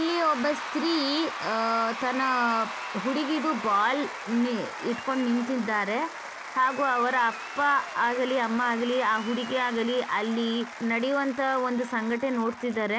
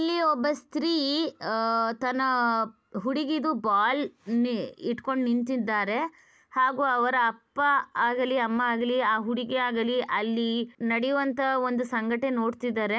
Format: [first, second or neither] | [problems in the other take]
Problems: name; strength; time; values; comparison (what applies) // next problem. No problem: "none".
second | background sound (Applause / Crowd / Cheering); 10 dB below the speech